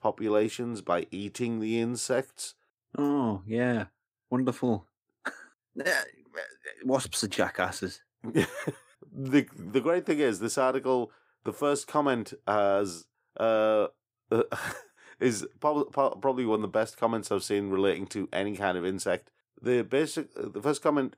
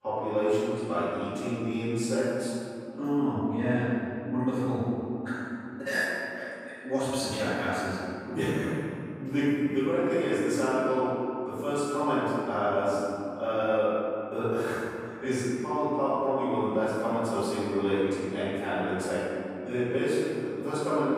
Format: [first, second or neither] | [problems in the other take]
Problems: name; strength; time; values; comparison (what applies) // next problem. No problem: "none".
first | off-mic speech; far // room echo; strong; dies away in 2.6 s